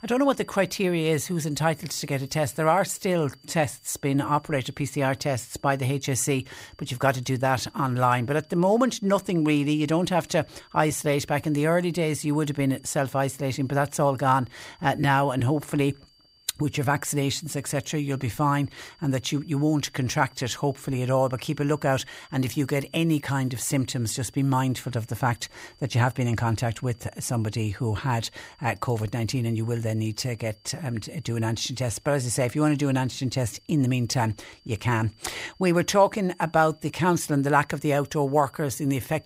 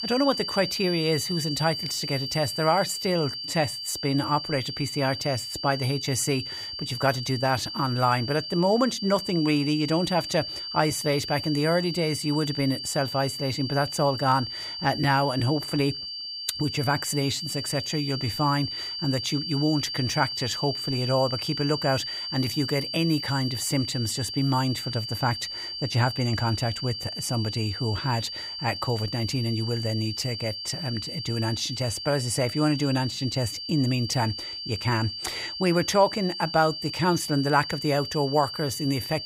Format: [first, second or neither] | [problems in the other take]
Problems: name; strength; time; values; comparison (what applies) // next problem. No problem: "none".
first | high-pitched whine; loud; throughout; 4.5 kHz, 5 dB below the speech; faint in the first